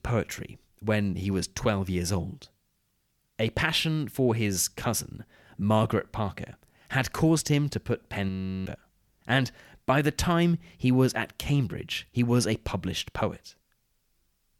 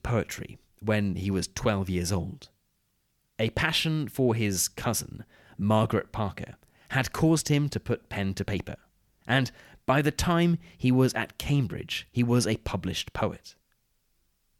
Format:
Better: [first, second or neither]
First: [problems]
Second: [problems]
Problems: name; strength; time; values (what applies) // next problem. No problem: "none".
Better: second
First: audio freezing; at 8.5 s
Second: none